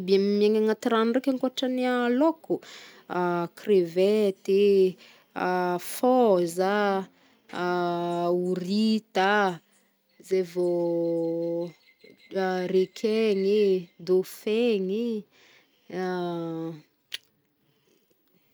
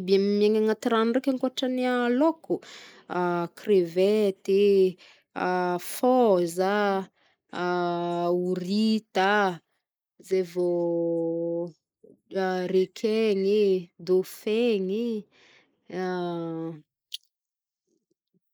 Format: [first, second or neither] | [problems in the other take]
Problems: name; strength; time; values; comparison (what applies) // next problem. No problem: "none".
first | noise reduction (neural mask model Resemble Enhance denoiser)